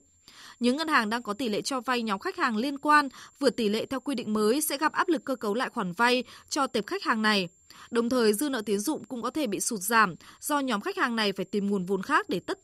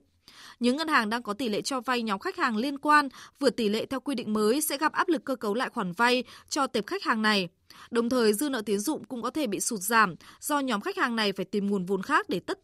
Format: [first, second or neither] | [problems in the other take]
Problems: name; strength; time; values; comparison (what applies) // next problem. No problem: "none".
second | high-pitched whine; faint; throughout; 7.5 kHz, 35 dB below the speech